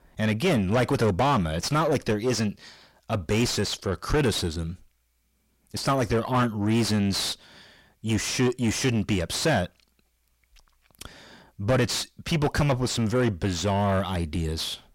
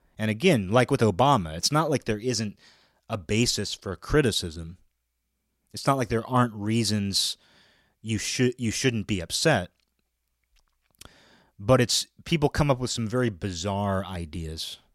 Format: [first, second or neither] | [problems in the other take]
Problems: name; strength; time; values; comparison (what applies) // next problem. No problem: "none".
second | distortion; heavy; 6 dB below the speech